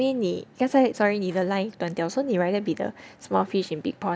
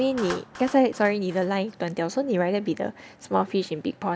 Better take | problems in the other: first | background sound (Clapping); 19 dB below the speech

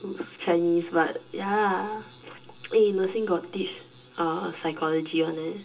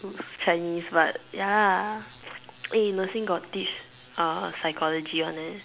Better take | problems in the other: second | room echo; dies away in 0.2 s

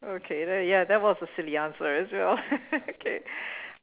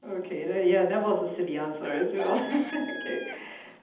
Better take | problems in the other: first | background sound (Chicken, rooster); 16 dB below the speech // room echo; dies away in 0.8 s

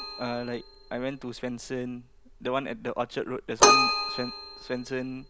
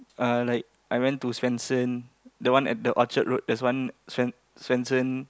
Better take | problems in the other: second | background sound (Keyboard (musical)); 4 dB above the speech

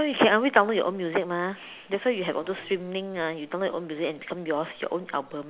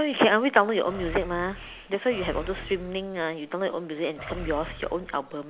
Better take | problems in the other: first | background sound (Animal); 13 dB below the speech

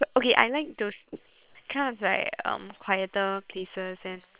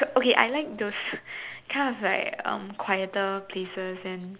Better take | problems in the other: second | noise reduction (neural separator model SepFormer WHAM!)

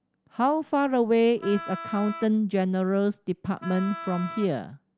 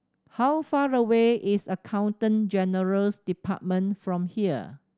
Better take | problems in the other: second | background sound (Wind instrument, woodwind instrument); 13 dB below the speech

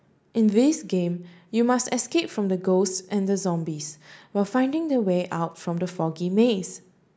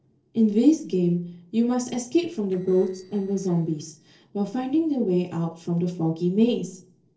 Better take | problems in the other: first | noise reduction (neural separator model SepFormer DNS4)

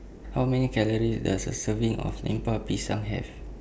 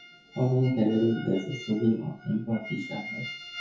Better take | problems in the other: first | noise reduction (classical method WPE with log-MMSE)

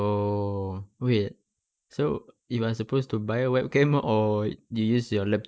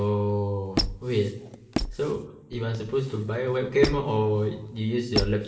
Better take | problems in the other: first | background sound (Squeak); 6 dB below the speech // room echo; dies away in 0.9 s

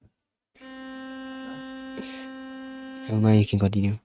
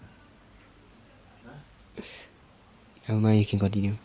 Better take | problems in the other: second | noise reduction (neural mask model RNNoise)

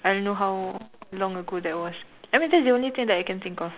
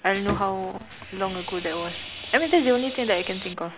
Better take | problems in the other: first | background sound (Sawing); 11 dB below the speech

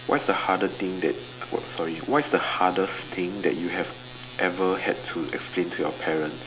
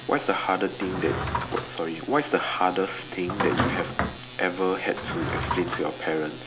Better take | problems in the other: first | background sound (Drawer open or close); 6 dB below the speech

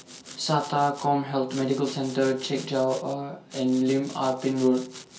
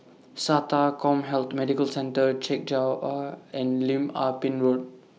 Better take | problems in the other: second | background sound (Domestic sounds, home sounds); 19 dB below the speech // room echo; dies away in 0.2 s

